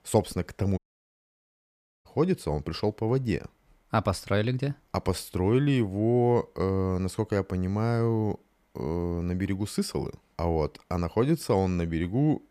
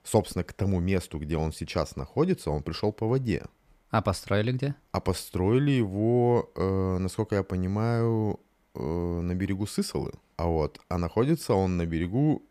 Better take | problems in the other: second | audio cutting out; at 1 s for 1.5 s

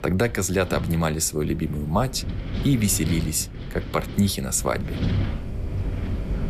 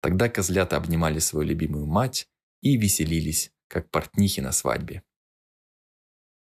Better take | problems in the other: second | wind noise on the microphone; occasional gusts; 10 dB below the speech

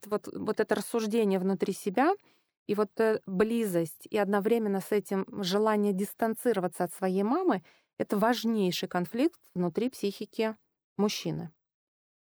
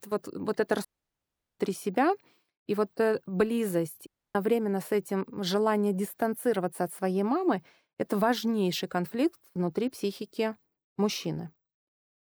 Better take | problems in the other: first | audio cutting out; at 1 s for 0.5 s and at 4 s

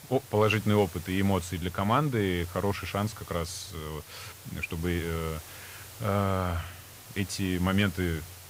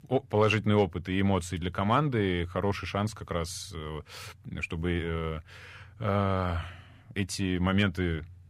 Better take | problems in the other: second | hiss; noticeable; throughout; 15 dB below the speech

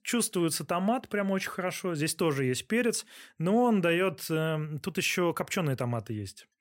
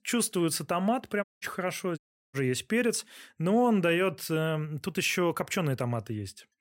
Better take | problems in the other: first | audio cutting out; at 1 s and at 2 s

